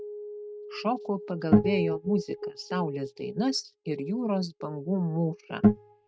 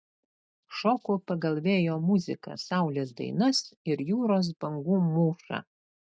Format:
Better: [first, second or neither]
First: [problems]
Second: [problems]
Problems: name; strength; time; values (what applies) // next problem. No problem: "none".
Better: second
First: noise reduction (neural mask model RNNoise)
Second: none